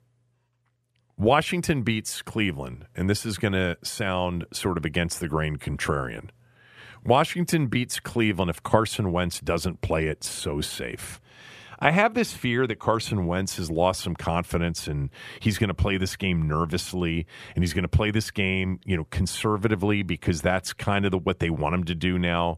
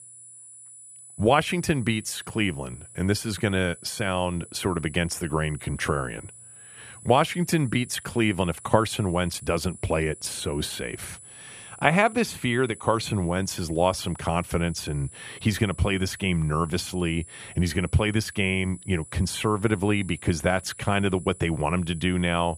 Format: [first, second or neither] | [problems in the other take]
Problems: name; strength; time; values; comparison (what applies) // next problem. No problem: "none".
first | high-pitched whine; noticeable; throughout; 10 kHz, 20 dB below the speech